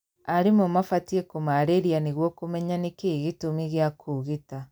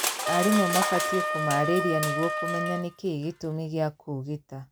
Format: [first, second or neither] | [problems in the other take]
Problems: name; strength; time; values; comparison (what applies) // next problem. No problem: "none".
first | background sound (Crushing + Wind instrument, woodwind instrument); 2 dB below the speech